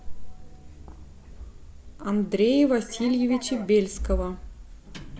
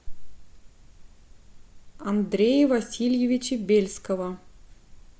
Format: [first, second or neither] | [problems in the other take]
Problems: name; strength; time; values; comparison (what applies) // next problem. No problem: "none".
second | background sound (Sliding door); 11 dB below the speech